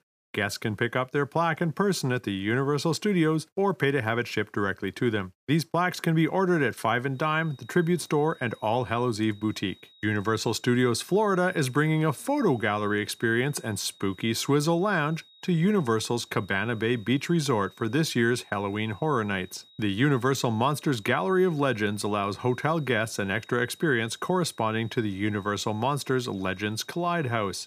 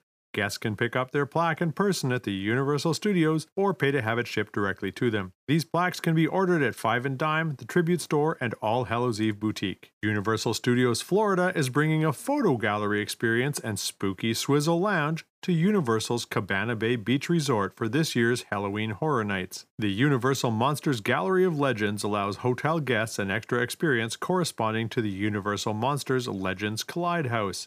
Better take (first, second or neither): second